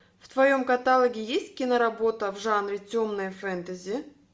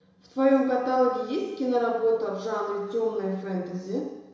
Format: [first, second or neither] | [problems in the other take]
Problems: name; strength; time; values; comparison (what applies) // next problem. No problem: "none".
first | room echo; dies away in 1 s